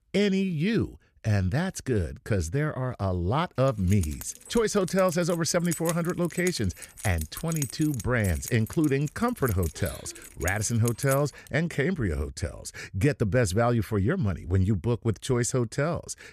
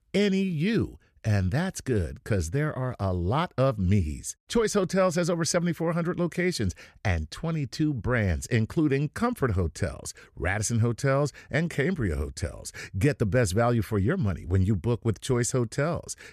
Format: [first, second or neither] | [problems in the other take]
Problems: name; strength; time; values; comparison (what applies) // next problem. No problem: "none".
second | jangling keys; noticeable; from 3.5 to 11 s; peak 7 dB below the speech